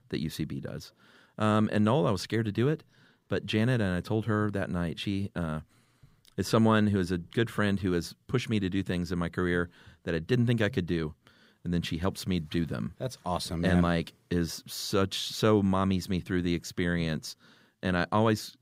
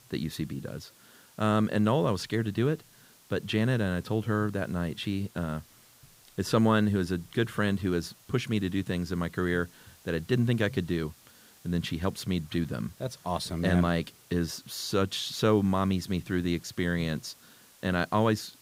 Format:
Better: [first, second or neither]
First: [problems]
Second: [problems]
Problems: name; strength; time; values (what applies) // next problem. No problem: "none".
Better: first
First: none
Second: hiss; faint; throughout; 25 dB below the speech